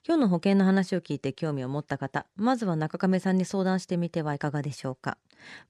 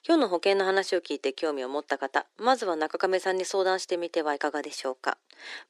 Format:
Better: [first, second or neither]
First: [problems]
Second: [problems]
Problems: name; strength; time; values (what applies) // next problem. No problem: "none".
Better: first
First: none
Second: thin; very; fading below 350 Hz